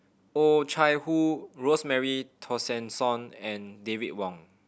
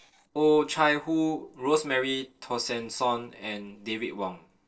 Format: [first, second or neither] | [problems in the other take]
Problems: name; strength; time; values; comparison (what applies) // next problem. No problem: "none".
first | noise reduction (neural separator model SepFormer DNS4)